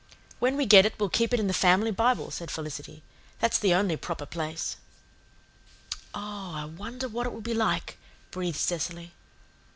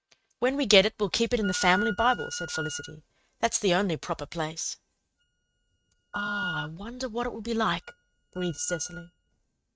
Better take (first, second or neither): first